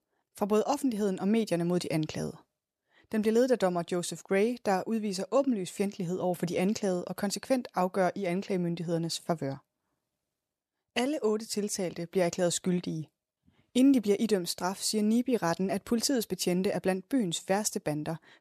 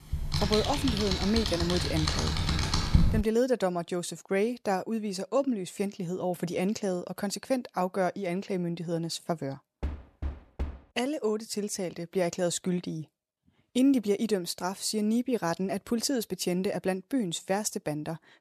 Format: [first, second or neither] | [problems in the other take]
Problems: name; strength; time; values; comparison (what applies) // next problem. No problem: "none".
first | keyboard typing; loud; until 3 s; peak 5 dB above the speech // door banging; noticeable; at 10 s; peak 8 dB below the speech